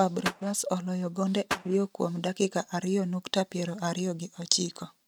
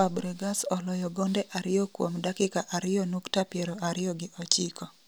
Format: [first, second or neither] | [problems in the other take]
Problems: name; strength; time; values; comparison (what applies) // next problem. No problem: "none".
second | noise reduction (neural mask model RNNoise)